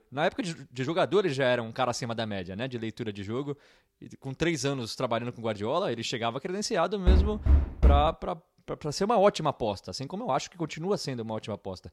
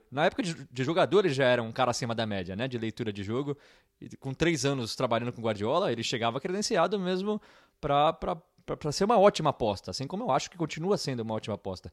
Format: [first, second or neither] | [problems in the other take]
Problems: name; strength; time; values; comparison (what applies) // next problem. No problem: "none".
second | door banging; loud; from 7 to 8 s; peak 6 dB above the speech